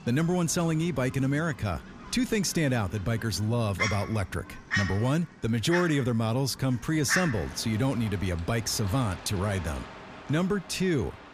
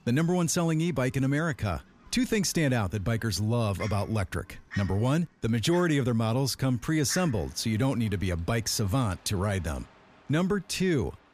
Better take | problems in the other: second | animal sounds; loud; throughout; 9 dB below the speech; faint in the second

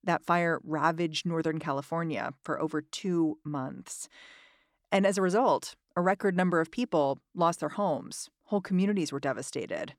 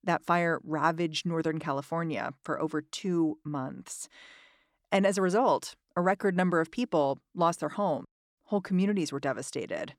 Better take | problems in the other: first | audio cutting out; at 8 s

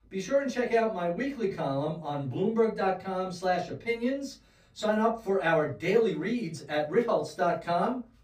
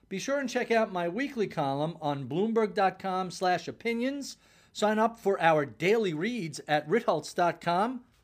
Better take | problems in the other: second | off-mic speech; far // room echo; very slight; dies away in 0.2 s

